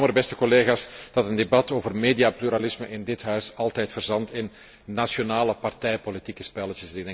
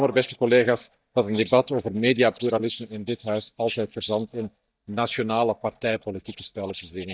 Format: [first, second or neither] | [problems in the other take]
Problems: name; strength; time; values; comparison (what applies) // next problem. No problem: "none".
first | noise reduction (neural mask model DeepFilterNet 3)